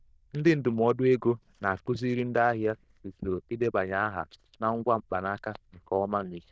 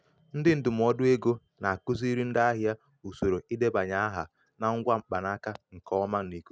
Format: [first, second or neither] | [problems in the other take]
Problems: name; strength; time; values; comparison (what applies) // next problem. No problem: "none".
second | noise reduction (neural diffusion model UNIVERSE++)